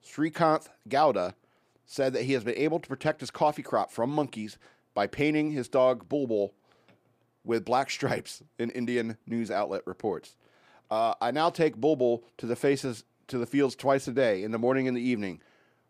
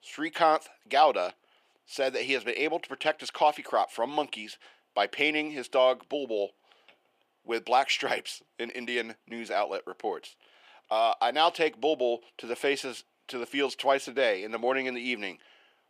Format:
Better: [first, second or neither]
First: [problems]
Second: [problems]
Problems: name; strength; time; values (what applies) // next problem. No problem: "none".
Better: first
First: none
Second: thin; somewhat; fading below 400 Hz